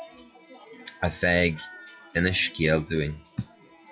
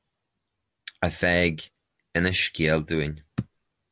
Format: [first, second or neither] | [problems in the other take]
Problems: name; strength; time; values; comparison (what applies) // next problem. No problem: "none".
second | noise reduction (classical method log-MMSE)